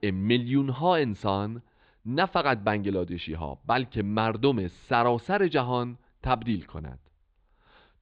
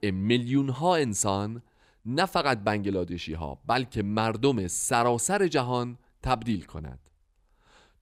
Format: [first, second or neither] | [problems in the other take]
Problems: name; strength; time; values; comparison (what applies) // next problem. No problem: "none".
second | muffled; slightly; fading above 4 kHz